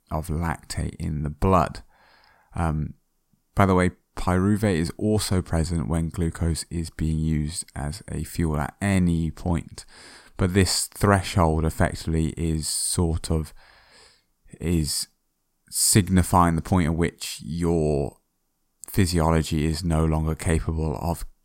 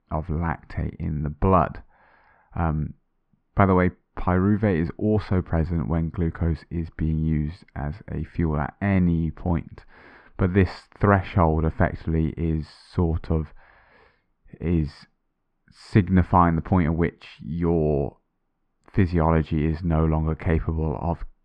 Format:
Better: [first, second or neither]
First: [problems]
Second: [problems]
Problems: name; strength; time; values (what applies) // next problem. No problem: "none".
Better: first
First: none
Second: muffled; very; fading above 2 kHz